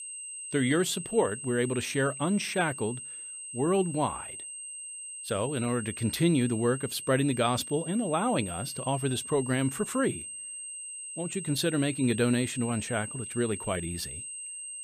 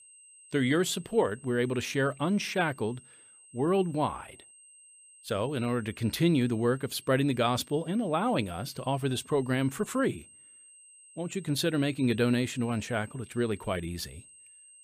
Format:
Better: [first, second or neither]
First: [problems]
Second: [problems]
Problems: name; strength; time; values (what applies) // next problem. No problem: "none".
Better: second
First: high-pitched whine; loud; throughout; 8.5 kHz, 8 dB below the speech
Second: high-pitched whine; faint; throughout; 8.5 kHz, 25 dB below the speech